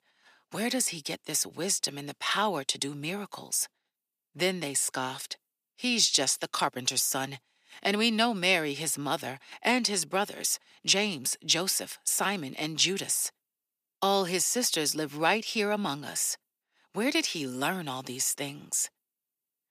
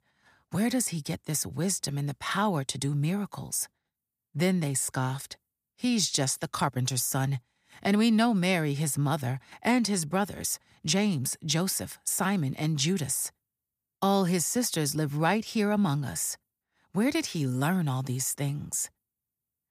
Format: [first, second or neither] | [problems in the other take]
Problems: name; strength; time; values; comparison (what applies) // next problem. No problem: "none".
second | thin; somewhat; fading below 350 Hz